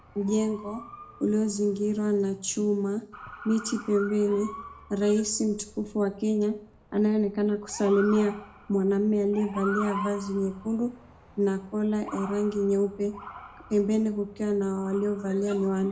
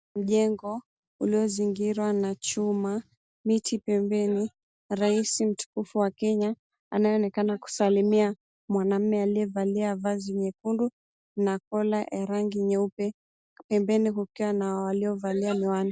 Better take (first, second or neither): second